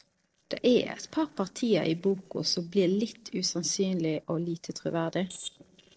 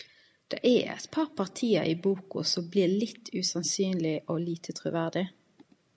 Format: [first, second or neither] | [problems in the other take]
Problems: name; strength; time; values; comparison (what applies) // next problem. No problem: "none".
second | noise reduction (neural separator model SepFormer DNS4)